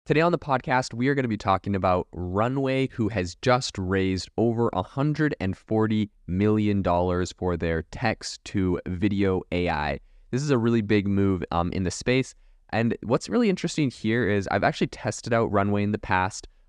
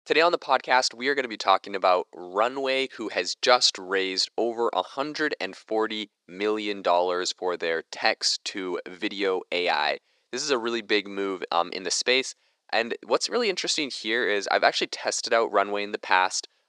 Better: first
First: none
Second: thin; very; fading below 400 Hz

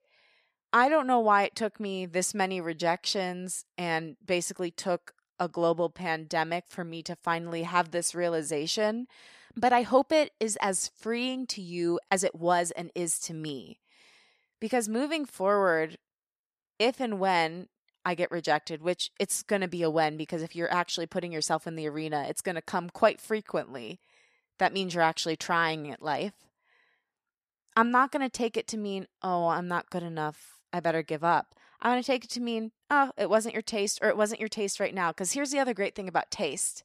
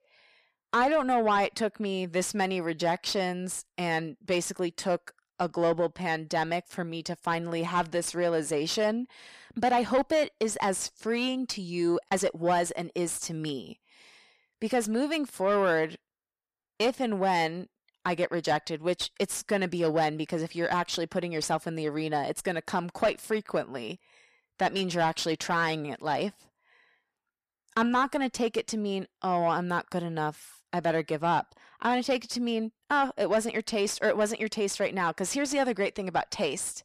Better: first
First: none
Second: distortion; slight; 10 dB below the speech

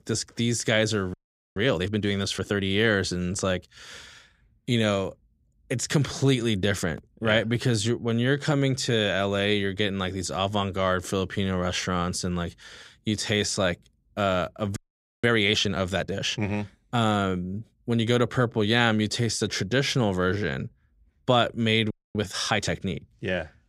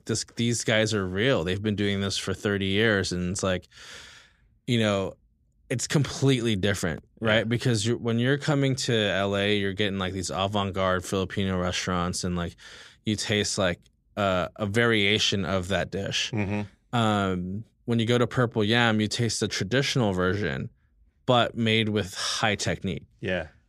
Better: second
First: audio freezing; at 1 s, at 15 s and at 22 s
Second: none

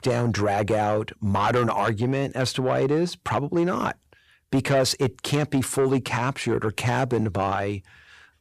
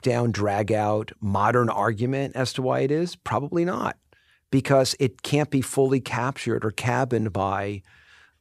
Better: second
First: distortion; slight; 10 dB below the speech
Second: none

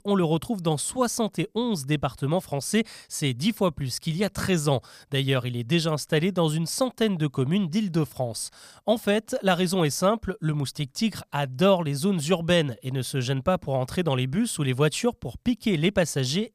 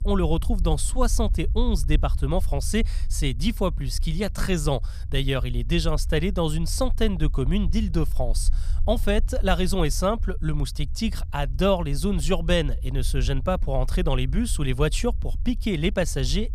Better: first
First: none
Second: low rumble; faint; throughout; 25 dB below the speech

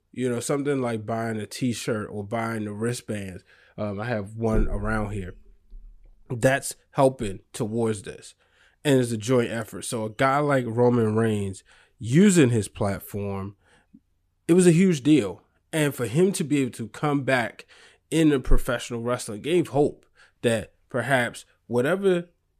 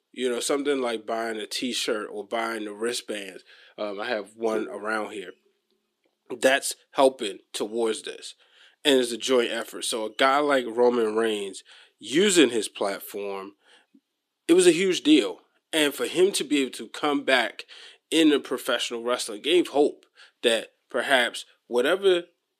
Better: first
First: none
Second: thin; somewhat; fading below 300 Hz

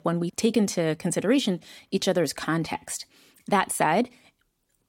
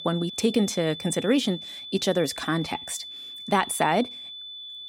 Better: first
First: none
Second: high-pitched whine; noticeable; throughout; 3.5 kHz, 10 dB below the speech

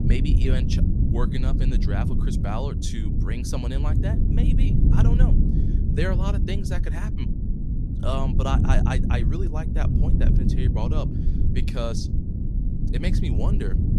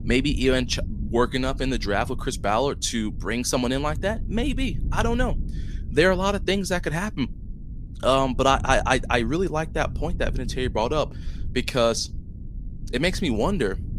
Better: second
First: low rumble; loud; throughout; 2 dB below the speech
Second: low rumble; faint; throughout; 25 dB below the speech

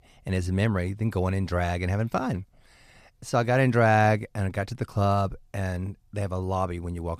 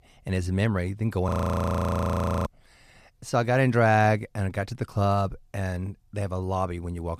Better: first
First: none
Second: audio freezing; at 1.5 s for 1 s

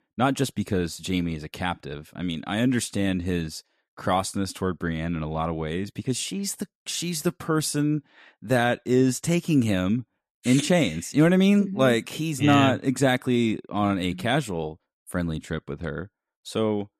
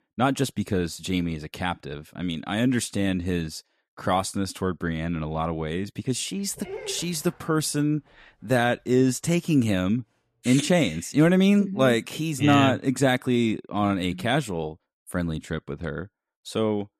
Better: first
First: none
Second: dog barking; faint; at 6.5 s; peak 10 dB below the speech

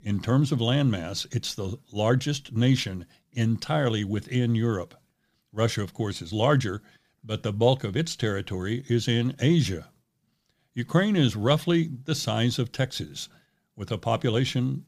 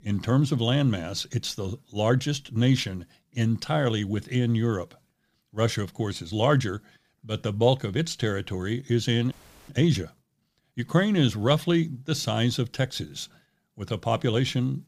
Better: first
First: none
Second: audio freezing; at 9.5 s

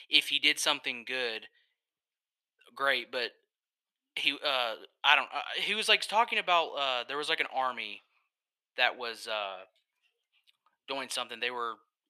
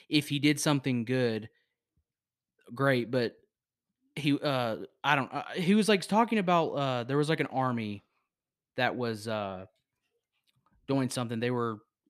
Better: second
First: thin; very; fading below 800 Hz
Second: none

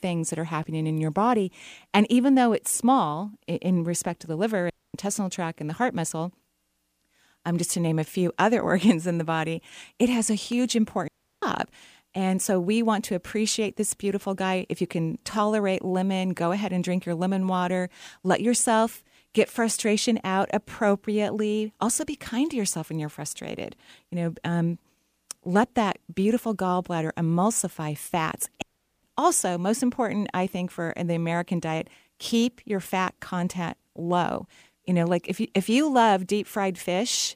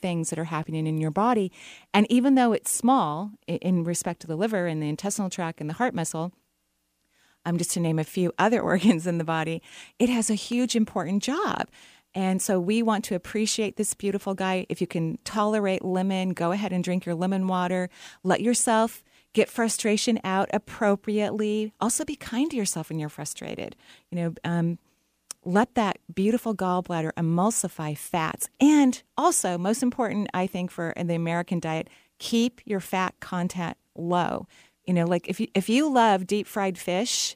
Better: second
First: audio cutting out; at 4.5 s, at 11 s and at 29 s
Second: none

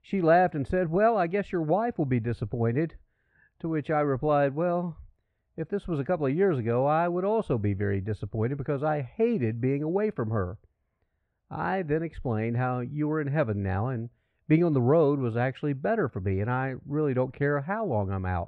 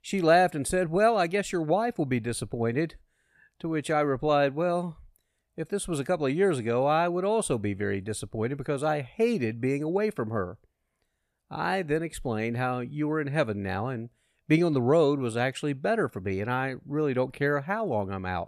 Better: second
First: muffled; very; fading above 2 kHz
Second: none

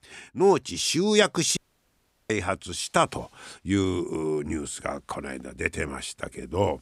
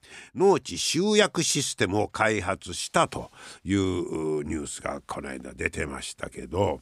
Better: second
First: audio cutting out; at 1.5 s for 0.5 s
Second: none

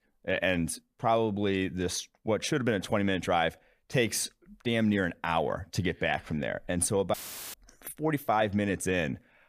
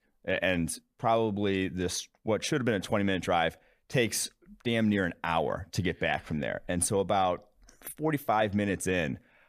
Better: second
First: audio cutting out; filled with static; at 7 s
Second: none

